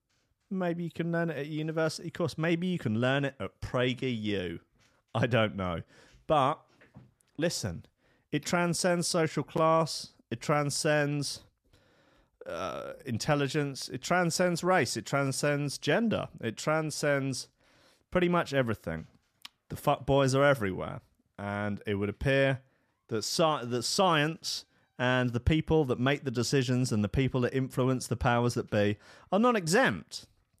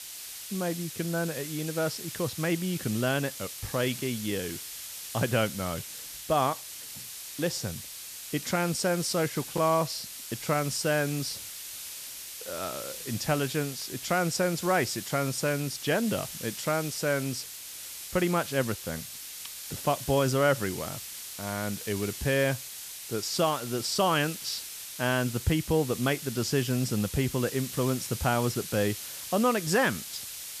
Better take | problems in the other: first | hiss; loud; throughout; 8 dB below the speech

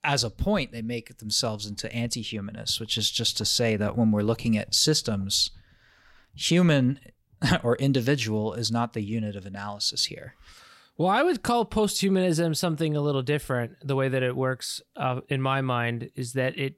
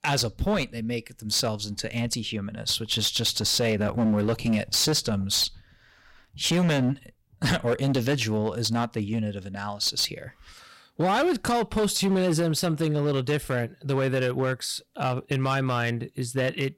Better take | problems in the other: first | distortion; slight; 9% of the sound clipped

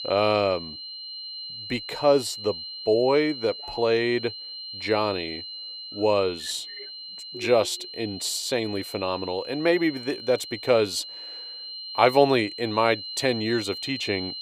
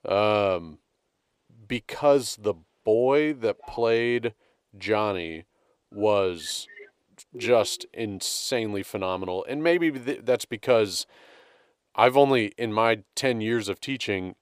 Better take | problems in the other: second | high-pitched whine; loud; throughout; 4 kHz, 10 dB below the speech

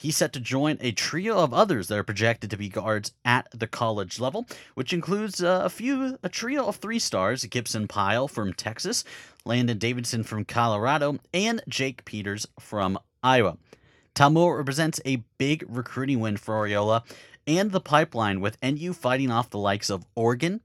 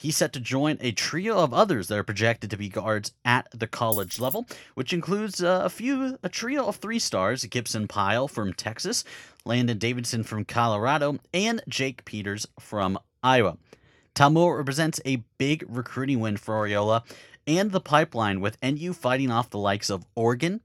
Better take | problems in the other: first | jangling keys; noticeable; at 4 s; peak 3 dB below the speech

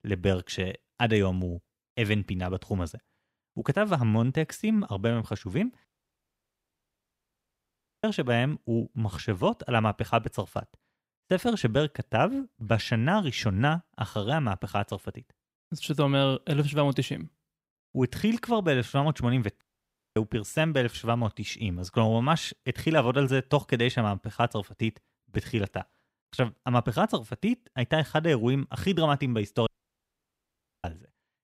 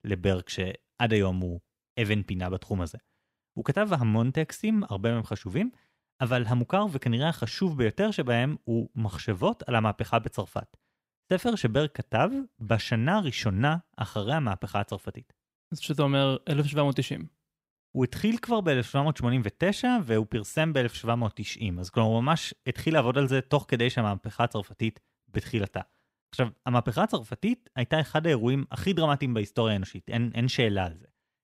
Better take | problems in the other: second | audio cutting out; at 6 s for 2 s, at 20 s for 0.5 s and at 30 s for 1 s

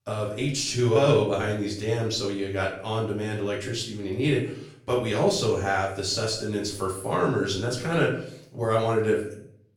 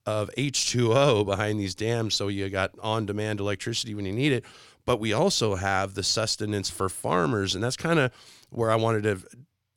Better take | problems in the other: second | room echo; noticeable; dies away in 0.5 s // off-mic speech; far

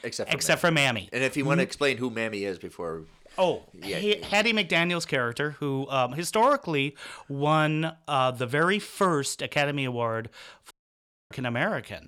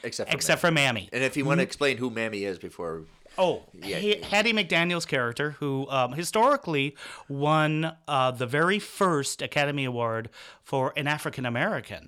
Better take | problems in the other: second | audio cutting out; at 11 s for 0.5 s

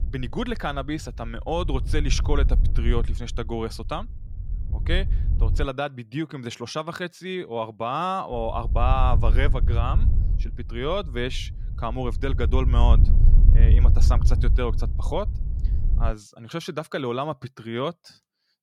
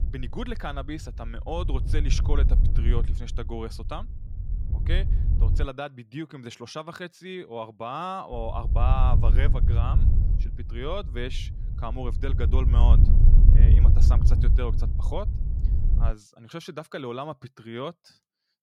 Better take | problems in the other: first | wind noise on the microphone; heavy; until 5.5 s and from 8.5 to 16 s; 6 dB below the speech; occasional gusts in the first

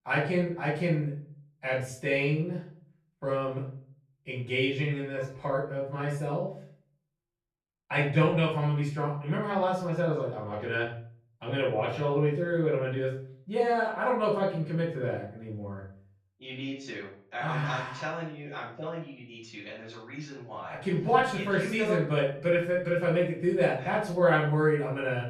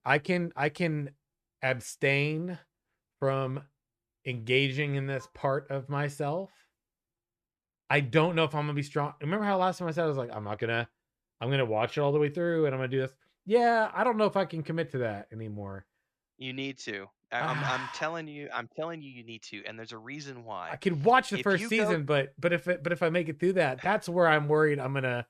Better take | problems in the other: second | room echo; noticeable; dies away in 0.4 s // off-mic speech; far

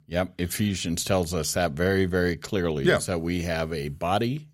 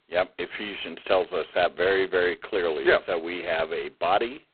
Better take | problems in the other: first | phone-call audio; poor line; nothing above 4 kHz

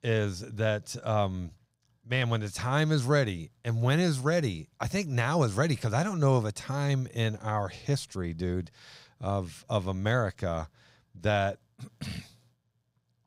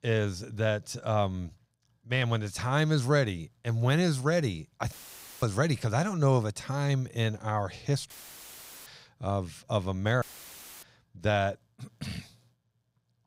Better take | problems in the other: first | audio cutting out; filled with static; at 5 s for 0.5 s, at 8 s for 1 s and at 10 s for 0.5 s

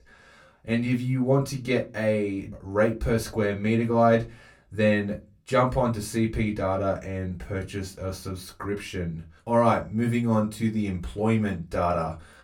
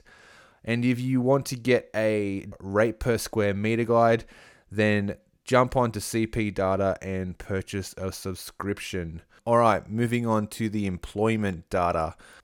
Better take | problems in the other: second | off-mic speech; somewhat distant // room echo; very slight; dies away in 0.2 s

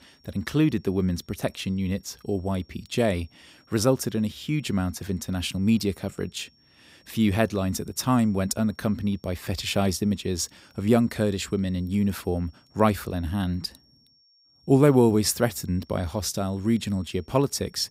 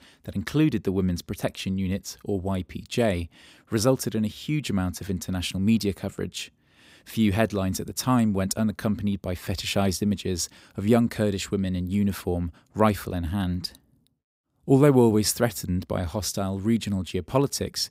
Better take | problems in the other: second | high-pitched whine; faint; throughout; 5.5 kHz, 35 dB below the speech

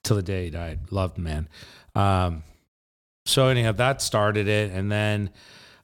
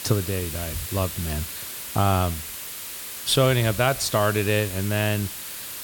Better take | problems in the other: first | hiss; loud; throughout; 8 dB below the speech

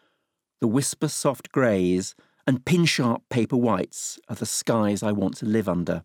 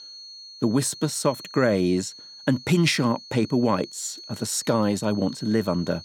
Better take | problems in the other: first | high-pitched whine; noticeable; throughout; 4.5 kHz, 15 dB below the speech

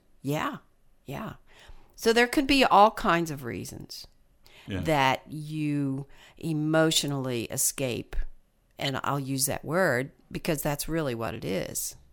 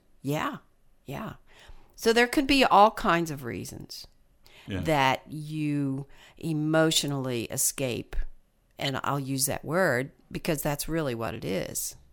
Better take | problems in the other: neither | none

